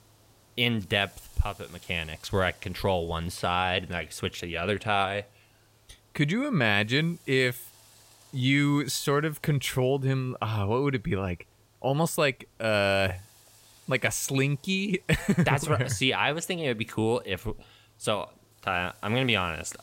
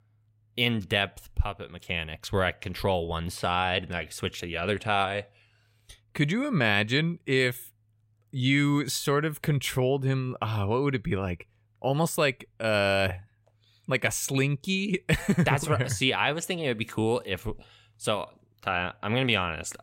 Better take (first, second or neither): second